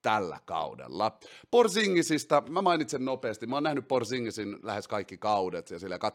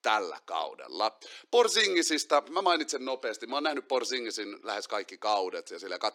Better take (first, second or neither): first